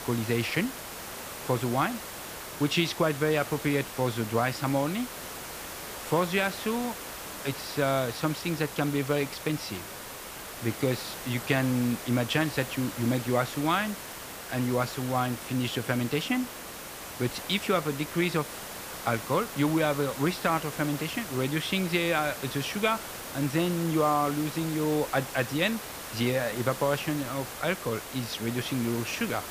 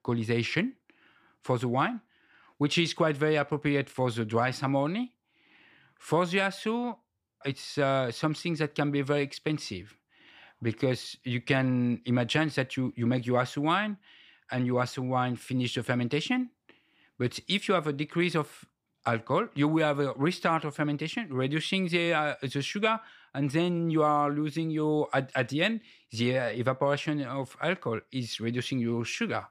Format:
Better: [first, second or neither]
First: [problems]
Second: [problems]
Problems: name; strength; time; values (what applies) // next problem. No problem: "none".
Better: second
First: hiss; loud; throughout; 9 dB below the speech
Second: none